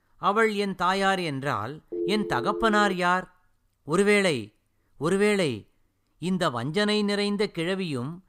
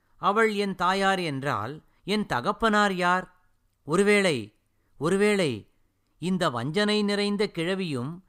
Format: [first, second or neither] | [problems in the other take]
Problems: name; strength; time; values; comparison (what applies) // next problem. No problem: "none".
second | phone ringing; noticeable; from 2 to 3 s; peak 6 dB below the speech